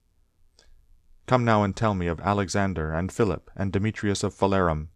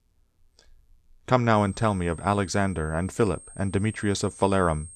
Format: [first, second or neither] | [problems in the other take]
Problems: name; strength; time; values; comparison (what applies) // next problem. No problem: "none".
first | high-pitched whine; noticeable; from 1.5 s on; 8.5 kHz, 20 dB below the speech